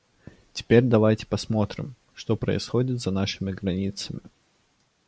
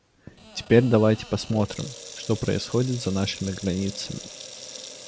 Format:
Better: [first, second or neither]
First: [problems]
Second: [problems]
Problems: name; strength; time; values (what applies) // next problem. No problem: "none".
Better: first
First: none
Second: background sound (Sink (filling or washing) / Water tap, faucet); 16 dB below the speech